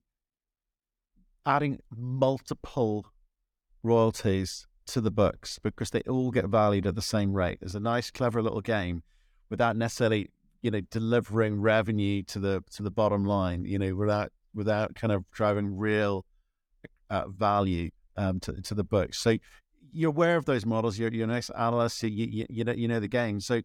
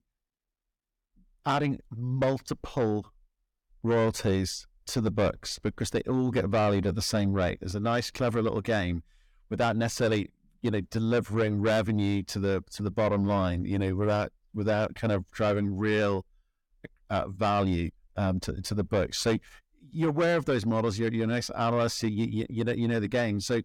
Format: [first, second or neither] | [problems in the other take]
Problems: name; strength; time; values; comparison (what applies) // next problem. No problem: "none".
first | distortion; slight; 10 dB below the speech